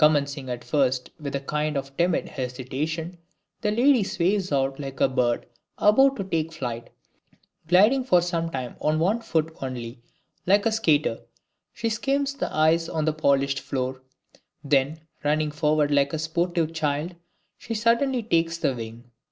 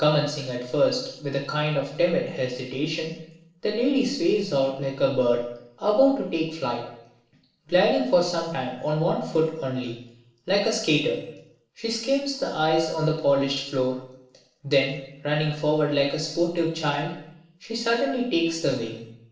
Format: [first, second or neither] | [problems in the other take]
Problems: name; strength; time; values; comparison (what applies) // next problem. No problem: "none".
first | room echo; dies away in 0.7 s